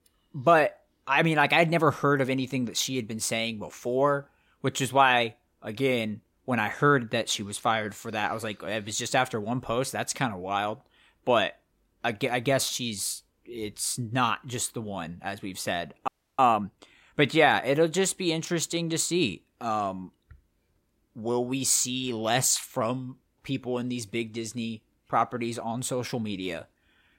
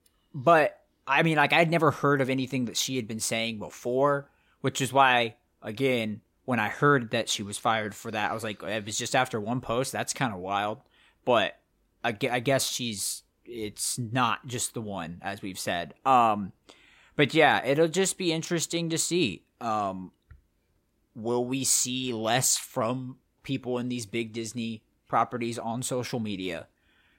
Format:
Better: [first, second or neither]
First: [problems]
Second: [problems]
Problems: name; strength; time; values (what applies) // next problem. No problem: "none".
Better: second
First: audio freezing; at 16 s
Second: none